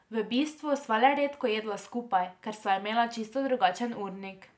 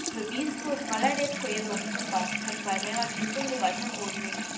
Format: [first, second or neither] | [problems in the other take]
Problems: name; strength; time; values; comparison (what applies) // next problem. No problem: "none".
first | background sound (Sink (filling or washing) / Water tap, faucet); 1 dB below the speech // room echo; dies away in 0.5 s